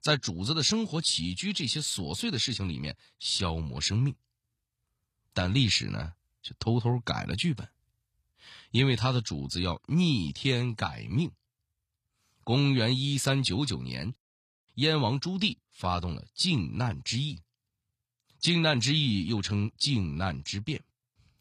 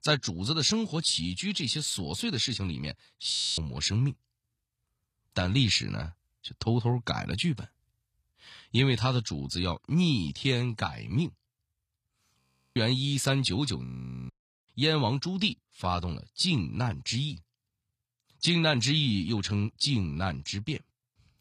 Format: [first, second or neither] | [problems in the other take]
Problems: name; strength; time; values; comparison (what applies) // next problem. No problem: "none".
first | audio freezing; at 3.5 s, at 12 s and at 14 s